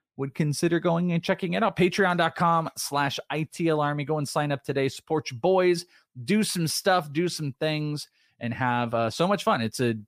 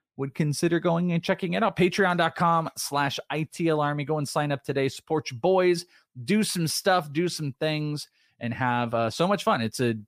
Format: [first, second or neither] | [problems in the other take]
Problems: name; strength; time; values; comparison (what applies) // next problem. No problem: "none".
neither | none